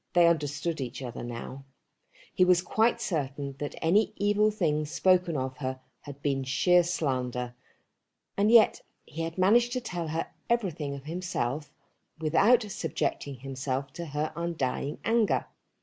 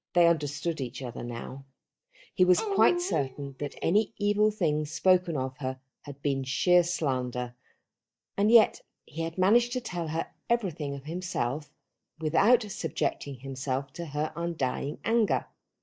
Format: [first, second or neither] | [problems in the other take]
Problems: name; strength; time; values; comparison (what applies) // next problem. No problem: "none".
first | noise reduction (neural mask model DeepFilterNet 3)